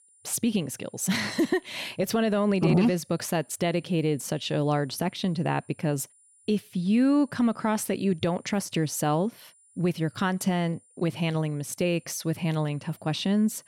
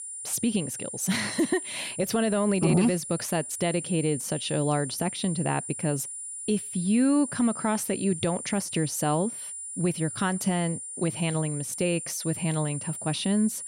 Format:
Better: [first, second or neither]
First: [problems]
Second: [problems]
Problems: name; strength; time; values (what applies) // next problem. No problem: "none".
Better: first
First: high-pitched whine; faint; throughout; 9.5 kHz, 30 dB below the speech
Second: high-pitched whine; loud; throughout; 9.5 kHz, 7 dB below the speech